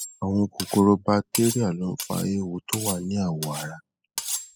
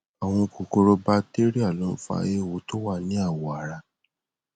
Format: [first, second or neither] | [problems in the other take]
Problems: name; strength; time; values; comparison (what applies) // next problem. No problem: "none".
second | noise reduction (classical method spectral subtraction)